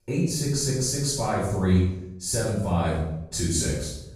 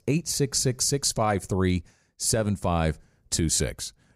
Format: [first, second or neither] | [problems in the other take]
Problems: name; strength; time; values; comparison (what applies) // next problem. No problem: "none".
second | room echo; strong; dies away in 0.7 s // off-mic speech; far